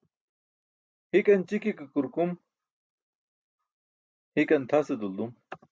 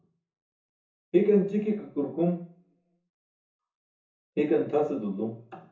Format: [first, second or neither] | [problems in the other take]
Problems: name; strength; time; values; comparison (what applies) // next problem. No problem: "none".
first | room echo; dies away in 0.7 s